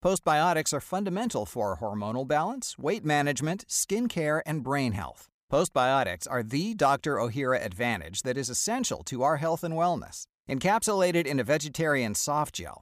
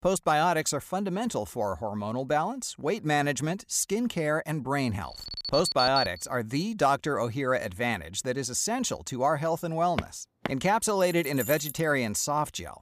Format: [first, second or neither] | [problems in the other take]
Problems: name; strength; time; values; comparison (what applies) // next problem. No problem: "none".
first | alarm; loud; from 5 to 6 s; peak 1 dB above the speech // footsteps; noticeable; at 10 s; peak 9 dB below the speech // jangling keys; noticeable; at 11 s; peak 6 dB below the speech